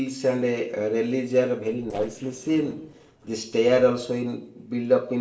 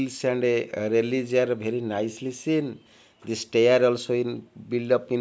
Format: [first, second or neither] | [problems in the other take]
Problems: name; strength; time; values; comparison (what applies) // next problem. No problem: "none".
second | noise reduction (neural separator model SepFormer DNS4)